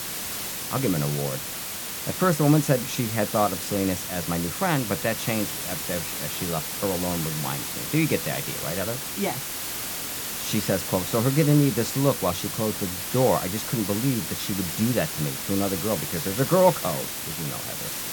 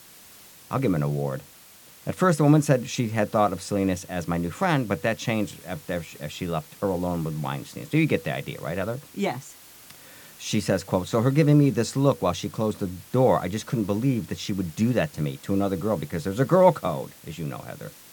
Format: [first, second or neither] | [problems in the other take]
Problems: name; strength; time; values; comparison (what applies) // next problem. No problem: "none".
second | hiss; loud; throughout; 3 dB below the speech; faint in the second